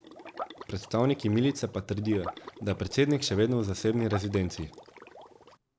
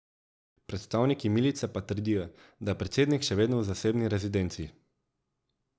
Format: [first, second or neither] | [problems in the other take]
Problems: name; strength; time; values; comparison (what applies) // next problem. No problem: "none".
second | background sound (Liquid); 16 dB below the speech